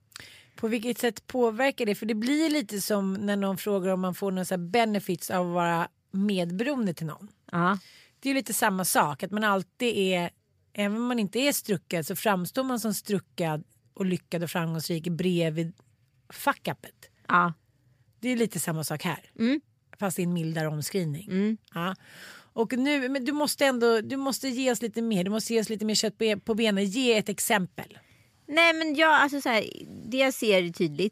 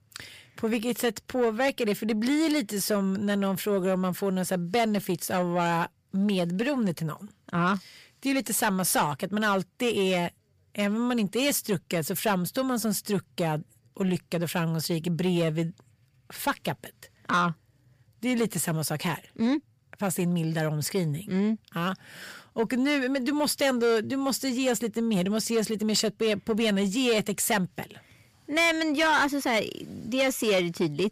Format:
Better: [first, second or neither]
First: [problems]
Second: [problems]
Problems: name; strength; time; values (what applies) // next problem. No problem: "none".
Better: first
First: none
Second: distortion; slight; 10 dB below the speech